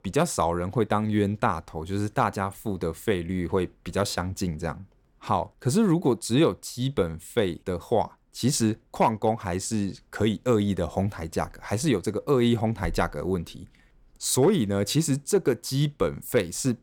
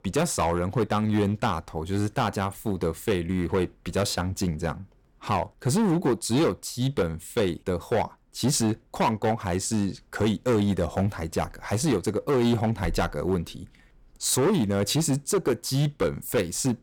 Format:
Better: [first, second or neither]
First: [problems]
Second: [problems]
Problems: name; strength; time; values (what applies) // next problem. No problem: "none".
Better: first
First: none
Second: distortion; slight; 9% of the sound clipped